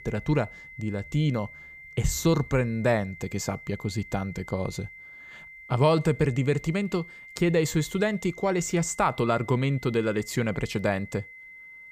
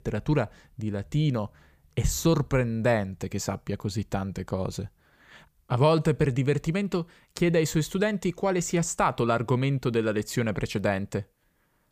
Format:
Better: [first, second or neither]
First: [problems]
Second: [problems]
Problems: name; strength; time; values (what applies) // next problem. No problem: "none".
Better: second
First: high-pitched whine; noticeable; throughout; 2 kHz, 15 dB below the speech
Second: none